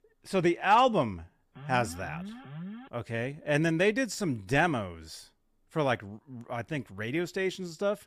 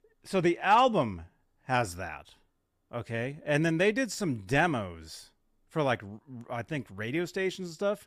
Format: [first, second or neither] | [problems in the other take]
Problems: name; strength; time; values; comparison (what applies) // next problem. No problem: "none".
second | alarm; faint; from 1.5 to 3 s; peak 15 dB below the speech